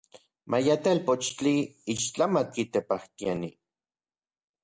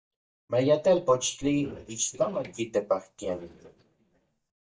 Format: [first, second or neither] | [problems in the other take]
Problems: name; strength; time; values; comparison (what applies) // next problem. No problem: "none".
first | noise reduction (neural mask model DeepFilterNet 3)